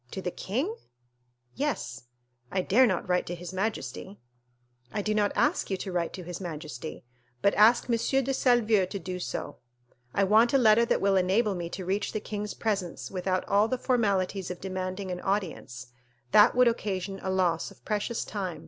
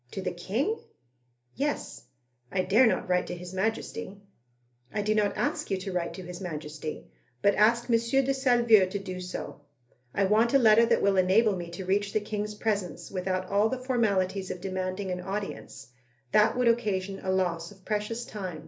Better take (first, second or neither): first